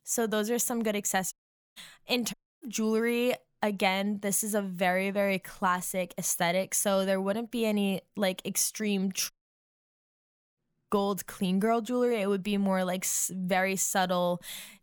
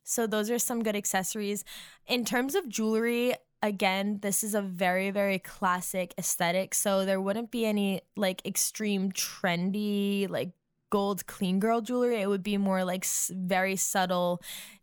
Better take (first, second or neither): second